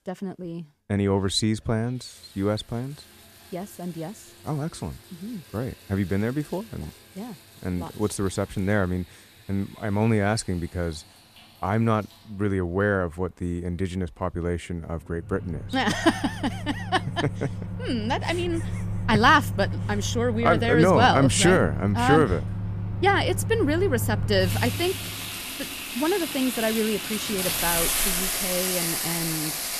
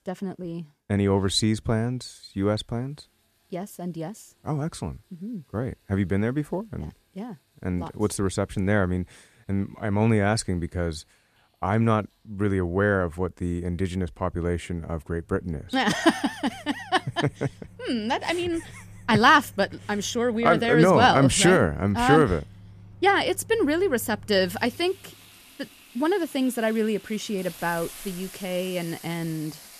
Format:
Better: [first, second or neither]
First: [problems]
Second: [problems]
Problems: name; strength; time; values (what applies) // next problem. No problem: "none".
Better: second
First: household noises; loud; throughout; 3 dB below the speech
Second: household noises; faint; throughout; 20 dB below the speech